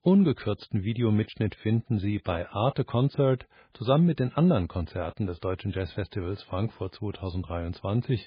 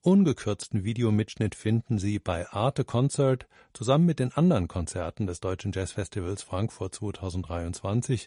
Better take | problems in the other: second | garbled, watery; badly; slightly in the second

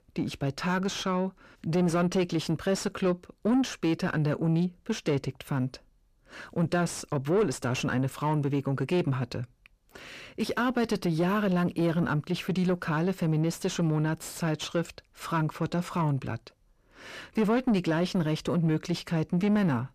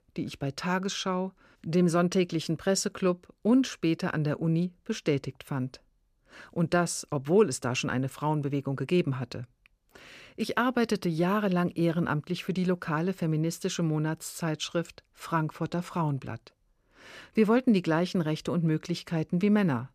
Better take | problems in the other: second | distortion; slight; 10 dB below the speech

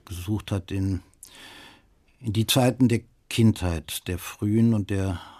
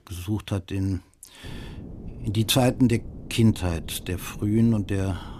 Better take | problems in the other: first | wind noise on the microphone; occasional gusts; from 1.5 s on; 20 dB below the speech

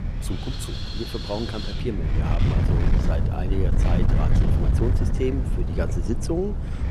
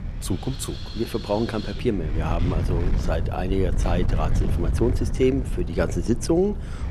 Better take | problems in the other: second | wind noise on the microphone; heavy; 1 dB below the speech; occasional gusts in the second

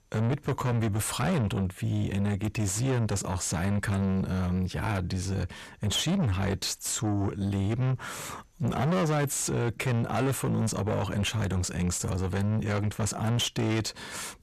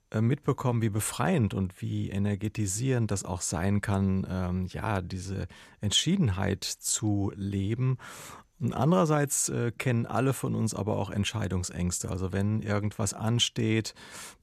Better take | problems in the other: second | distortion; heavy; 7 dB below the speech

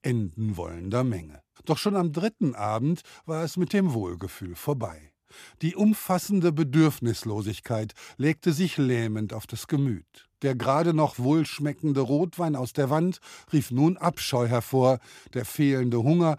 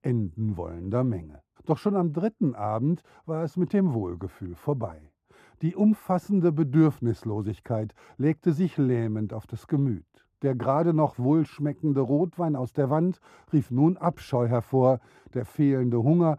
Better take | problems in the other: first | muffled; very; fading above 2 kHz

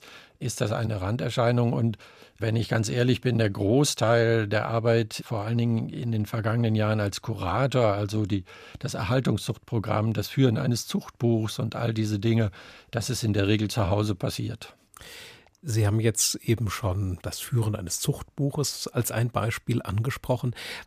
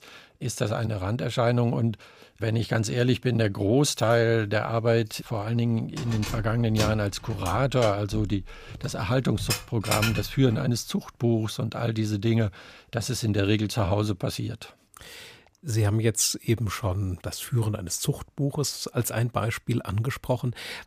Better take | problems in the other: first | jangling keys; noticeable; from 5 to 11 s; peak 1 dB below the speech

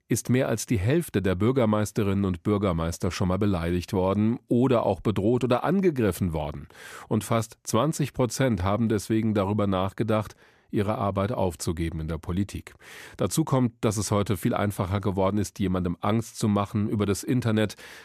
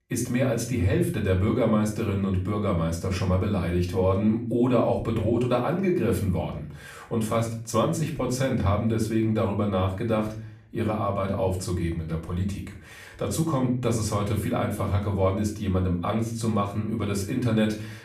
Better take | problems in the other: first | off-mic speech; far // room echo; slight; dies away in 0.4 s

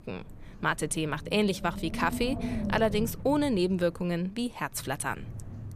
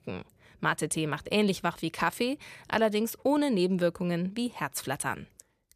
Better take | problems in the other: second | wind noise on the microphone; occasional gusts; 15 dB below the speech

